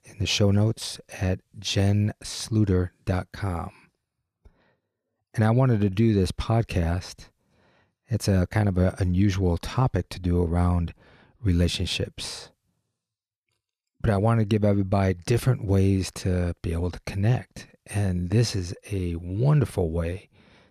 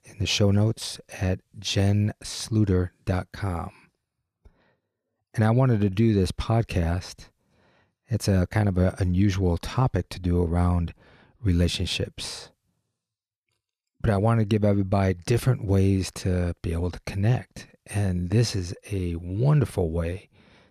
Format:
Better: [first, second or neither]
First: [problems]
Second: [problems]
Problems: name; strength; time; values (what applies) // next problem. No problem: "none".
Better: neither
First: none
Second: none